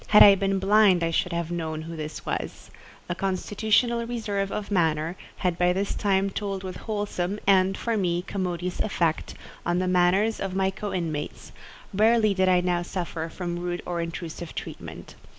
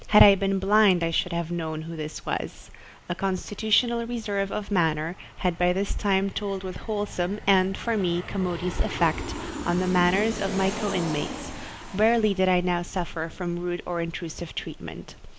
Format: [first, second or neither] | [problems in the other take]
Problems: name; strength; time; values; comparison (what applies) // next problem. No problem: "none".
first | background sound (Aircraft); 14 dB below the speech